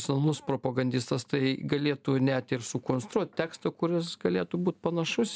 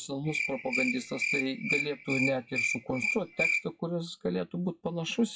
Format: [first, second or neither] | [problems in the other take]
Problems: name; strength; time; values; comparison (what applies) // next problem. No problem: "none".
first | noise reduction (classical method WPE with log-MMSE)